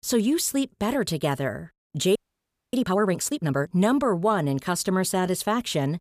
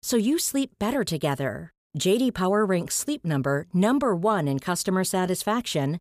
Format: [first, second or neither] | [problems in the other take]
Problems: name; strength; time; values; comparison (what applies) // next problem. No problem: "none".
second | audio freezing; at 2 s for 0.5 s